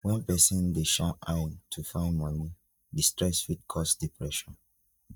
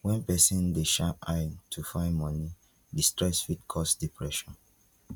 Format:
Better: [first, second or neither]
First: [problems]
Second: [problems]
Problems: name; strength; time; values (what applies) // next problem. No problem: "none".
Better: second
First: noise reduction (neural mask model DeepFilterNet 3)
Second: none